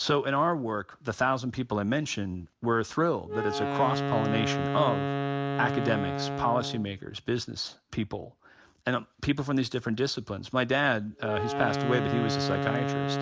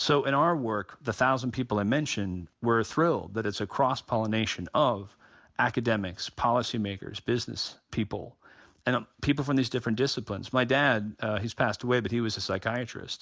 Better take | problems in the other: second | background sound (Wind instrument, woodwind instrument); 4 dB below the speech

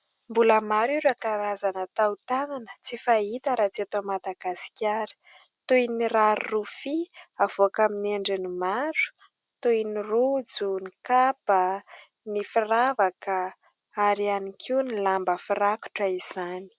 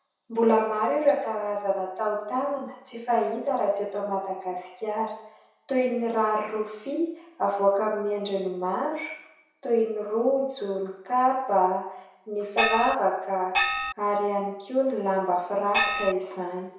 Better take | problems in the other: first | background sound (Gong); 1 dB above the speech // room echo; dies away in 0.7 s

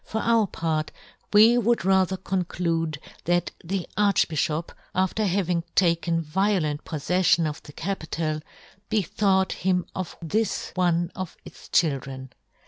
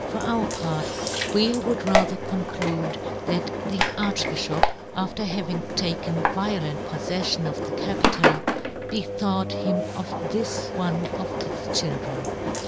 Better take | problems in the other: first | background sound (Engine); 1 dB above the speech

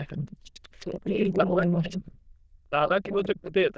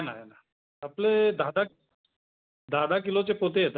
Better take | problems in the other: second | noise reduction (neural diffusion model UNIVERSE++)

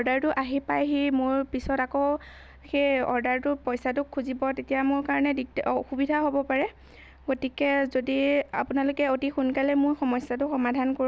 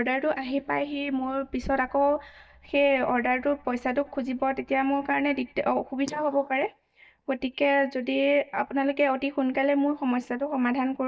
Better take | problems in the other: first | noise reduction (neural mask model DeepFilterNet 3)

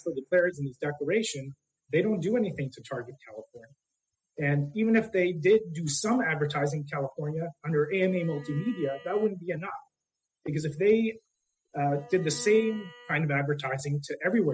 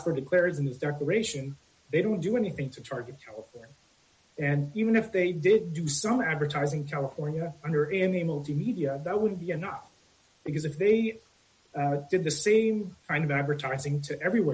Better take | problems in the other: second | noise reduction (classical method spectral subtraction)

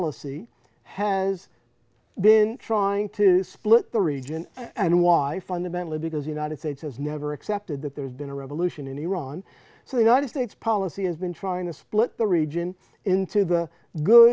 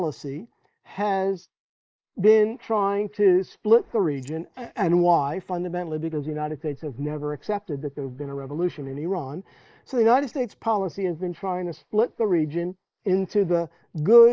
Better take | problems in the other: first | noise reduction (neural mask model Resemble Enhance denoiser)

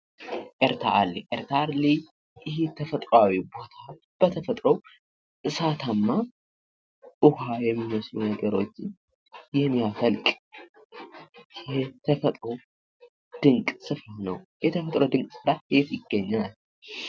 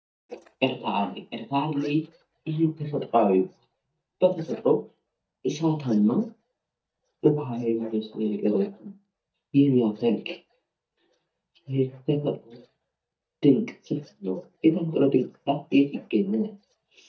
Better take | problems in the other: first | noise reduction (neural mask model DeepFilterNet 3)

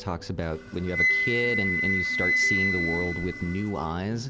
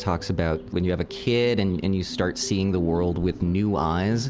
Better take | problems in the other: second | background sound (Wind instrument, woodwind instrument); 2 dB above the speech

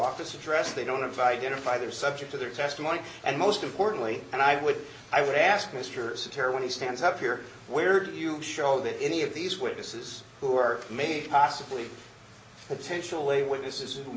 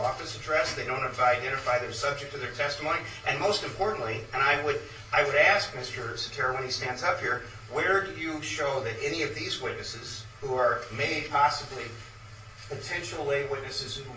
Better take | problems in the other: first | room echo; dies away in 0.2 s

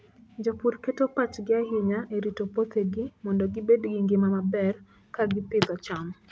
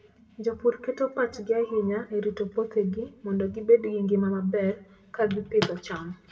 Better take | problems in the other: first | room echo; dies away in 0.6 s

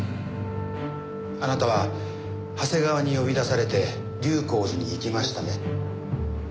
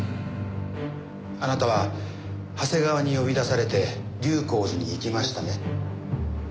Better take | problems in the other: second | background sound (Wind instrument, woodwind instrument); 13 dB below the speech

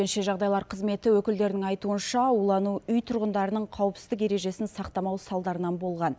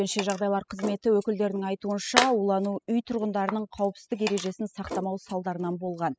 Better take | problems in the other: first | noise reduction (classical method spectral subtraction)

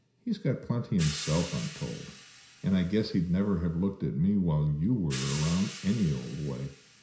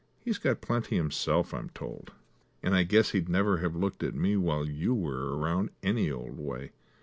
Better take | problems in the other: second | background sound (Hi-hat); 15 dB below the speech // room echo; dies away in 0.5 s

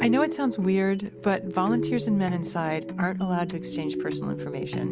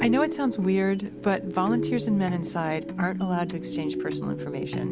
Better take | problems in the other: first | background sound (Subway, metro, underground / Train); 16 dB below the speech

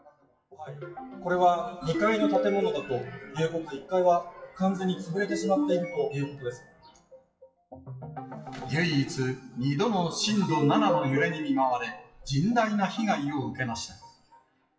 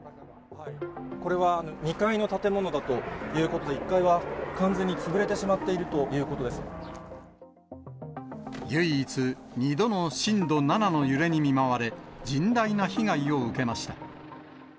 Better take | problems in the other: second | noise reduction (classical method WPE with log-MMSE)

